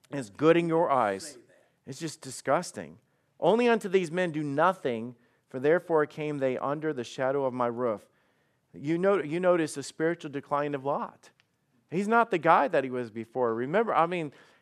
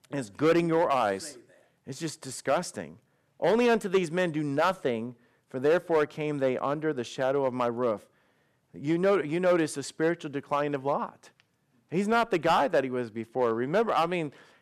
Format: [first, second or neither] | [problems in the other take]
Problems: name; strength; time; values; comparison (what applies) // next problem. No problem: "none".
first | distortion; slight; 3% of the sound clipped